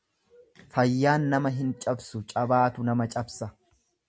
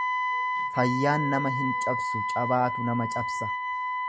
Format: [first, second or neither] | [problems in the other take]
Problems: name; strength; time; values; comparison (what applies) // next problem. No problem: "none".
first | background sound (Wind instrument, woodwind instrument); as loud as the speech